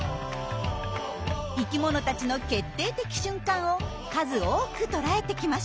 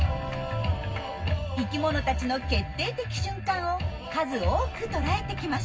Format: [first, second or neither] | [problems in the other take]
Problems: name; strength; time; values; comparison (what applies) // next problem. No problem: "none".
first | background sound (Wind); 16 dB below the speech // room echo; dies away in 0.4 s